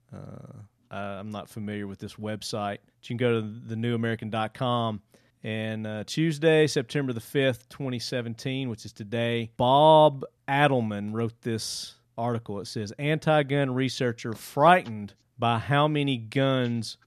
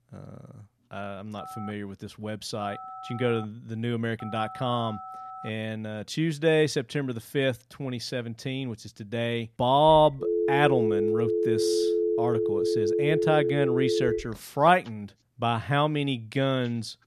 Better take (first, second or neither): first